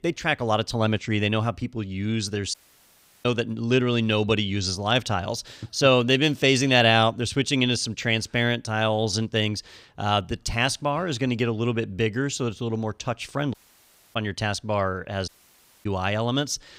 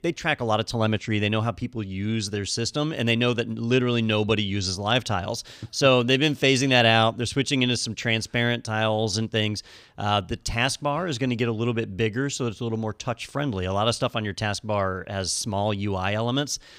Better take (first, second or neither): second